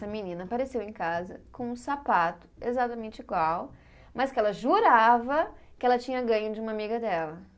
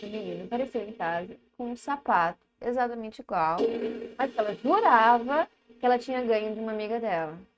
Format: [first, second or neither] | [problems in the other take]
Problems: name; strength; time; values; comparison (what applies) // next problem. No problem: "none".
first | noise reduction (neural mask model RNNoise)